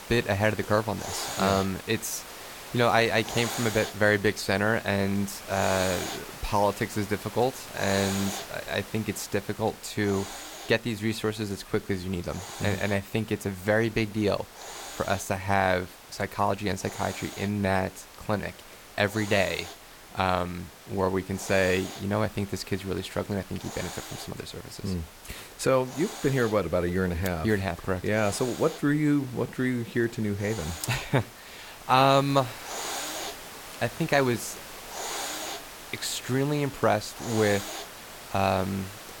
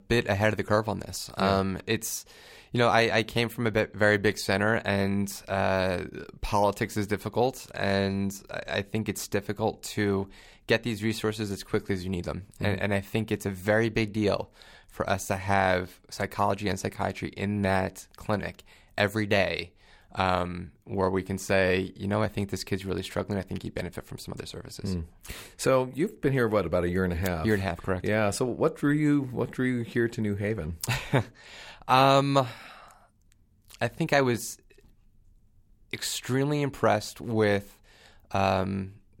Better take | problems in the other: second | hiss; noticeable; throughout; 10 dB below the speech

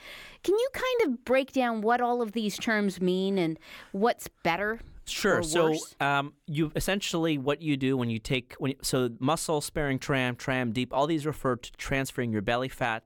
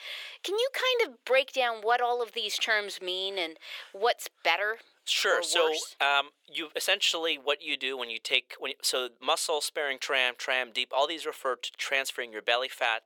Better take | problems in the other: first | thin; very; fading below 500 Hz

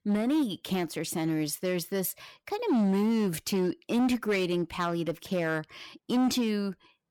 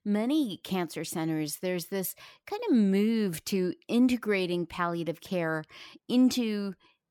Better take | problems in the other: second | distortion; slight; 11% of the sound clipped

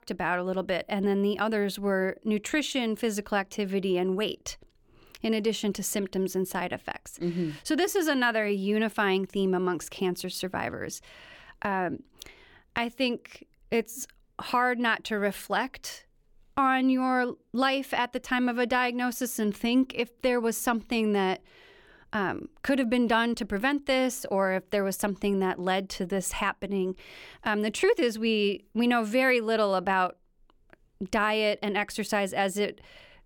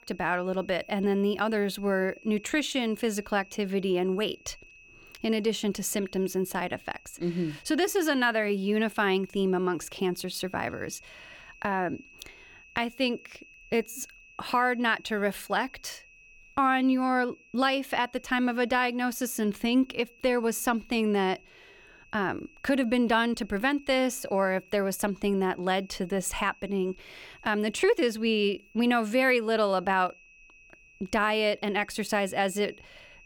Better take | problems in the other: first | high-pitched whine; faint; throughout; 2.5 kHz, 25 dB below the speech

